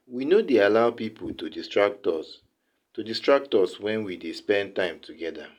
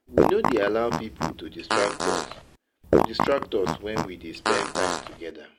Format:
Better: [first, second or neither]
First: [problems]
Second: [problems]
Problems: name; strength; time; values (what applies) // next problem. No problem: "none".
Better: first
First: none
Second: background sound (Fart); 3 dB above the speech